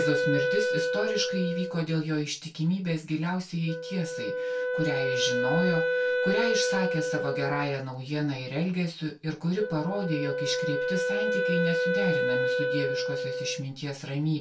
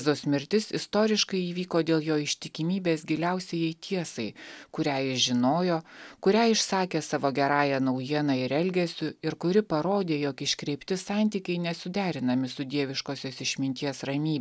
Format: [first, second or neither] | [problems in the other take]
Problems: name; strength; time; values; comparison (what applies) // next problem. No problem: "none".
second | background sound (Wind instrument, woodwind instrument); 1 dB above the speech // room echo; dies away in 0.2 s